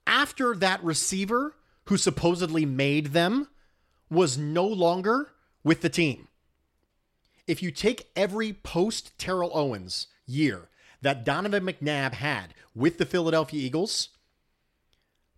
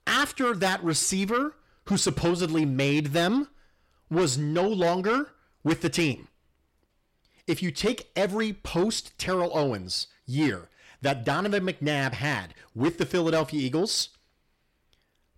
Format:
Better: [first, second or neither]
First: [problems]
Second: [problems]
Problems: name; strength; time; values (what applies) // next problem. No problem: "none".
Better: first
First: none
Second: distortion; slight; 10 dB below the speech